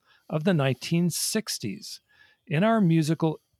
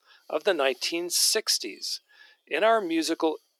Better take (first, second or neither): first